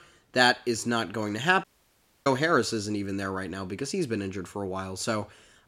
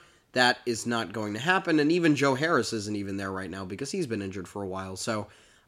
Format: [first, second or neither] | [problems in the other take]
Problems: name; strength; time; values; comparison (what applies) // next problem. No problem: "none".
second | audio cutting out; at 1.5 s for 0.5 s